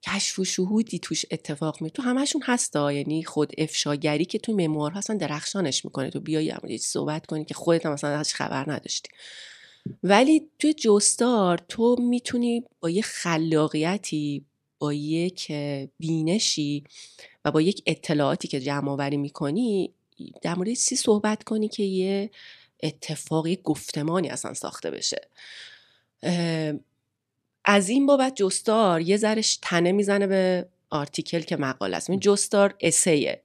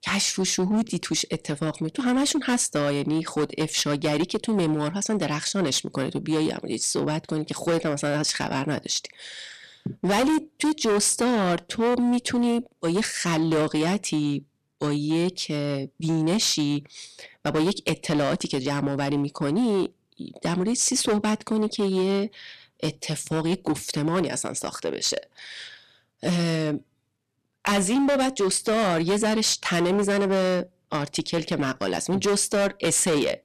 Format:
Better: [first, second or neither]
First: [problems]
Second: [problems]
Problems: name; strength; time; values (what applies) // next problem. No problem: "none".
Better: first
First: none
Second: distortion; heavy; 14% of the sound clipped